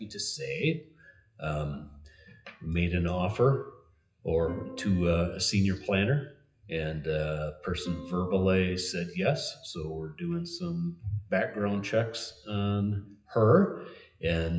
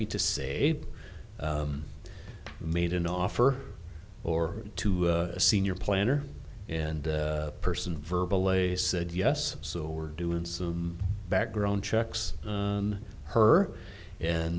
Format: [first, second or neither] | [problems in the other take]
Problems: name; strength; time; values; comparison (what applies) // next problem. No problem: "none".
second | noise reduction (classical method WPE with log-MMSE)